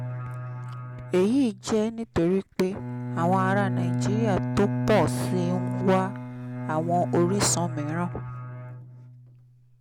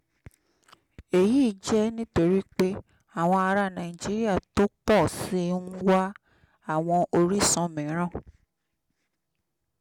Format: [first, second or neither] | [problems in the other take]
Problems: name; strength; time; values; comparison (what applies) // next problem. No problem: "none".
second | background sound (Bowed string instrument); 4 dB below the speech